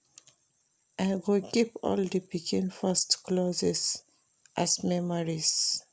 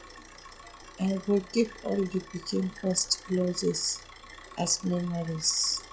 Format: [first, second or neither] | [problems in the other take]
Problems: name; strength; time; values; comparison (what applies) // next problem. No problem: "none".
first | noise reduction (classical method log-MMSE)